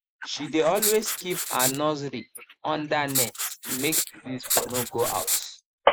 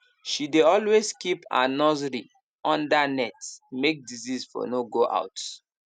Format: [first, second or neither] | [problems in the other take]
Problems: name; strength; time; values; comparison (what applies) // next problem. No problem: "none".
second | noise reduction (neural mask model Resemble Enhance denoiser)